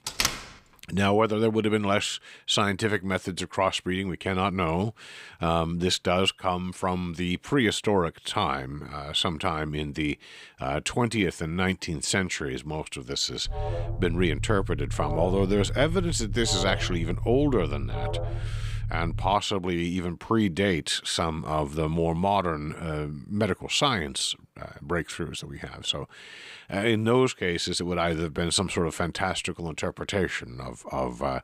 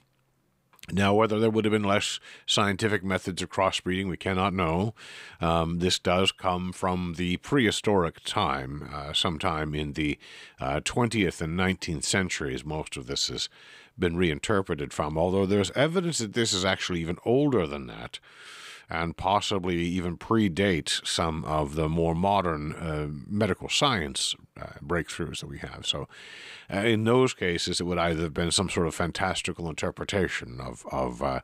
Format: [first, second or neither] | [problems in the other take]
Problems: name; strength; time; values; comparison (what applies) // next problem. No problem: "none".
second | door banging; loud; at the start; peak 1 dB above the speech // alarm; noticeable; from 13 to 19 s; peak 4 dB below the speech